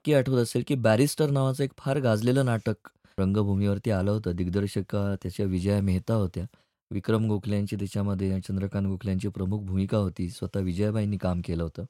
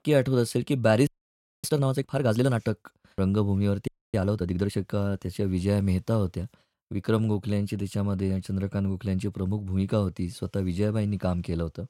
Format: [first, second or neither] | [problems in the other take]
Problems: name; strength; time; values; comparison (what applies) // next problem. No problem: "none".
first | audio freezing; at 1 s for 0.5 s and at 4 s